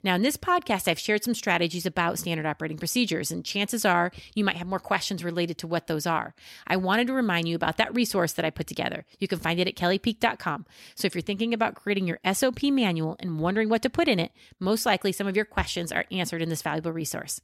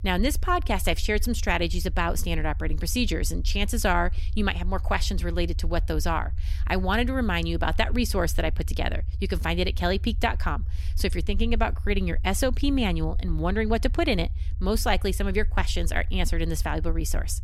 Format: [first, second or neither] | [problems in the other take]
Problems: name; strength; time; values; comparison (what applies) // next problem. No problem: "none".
first | low rumble; faint; throughout; 25 dB below the speech